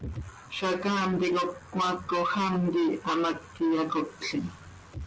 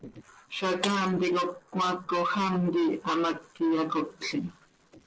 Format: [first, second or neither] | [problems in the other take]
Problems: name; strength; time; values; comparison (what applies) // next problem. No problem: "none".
first | noise reduction (neural separator model SepFormer DNS4)